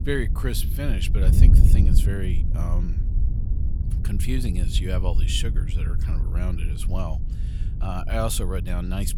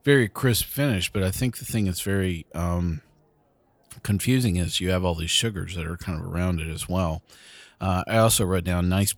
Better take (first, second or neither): second